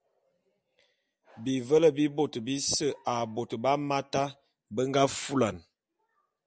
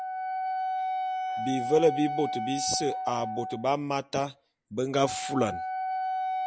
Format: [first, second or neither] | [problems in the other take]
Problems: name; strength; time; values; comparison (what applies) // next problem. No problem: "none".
first | background sound (Wind instrument, woodwind instrument); 2 dB below the speech